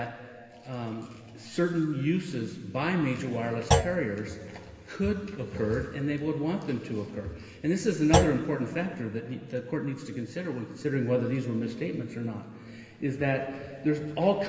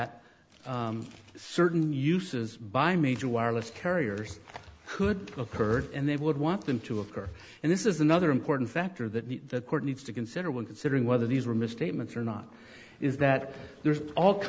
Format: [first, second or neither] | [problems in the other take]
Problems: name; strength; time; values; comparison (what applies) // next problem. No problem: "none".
second | background sound (Thump, thud); 1 dB below the speech // room echo; dies away in 2.5 s